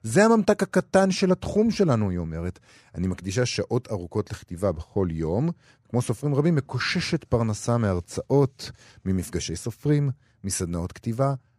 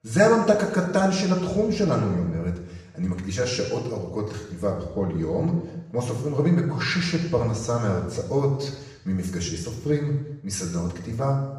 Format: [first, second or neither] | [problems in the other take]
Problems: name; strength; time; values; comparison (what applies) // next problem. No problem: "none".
first | room echo; noticeable; dies away in 1 s // off-mic speech; far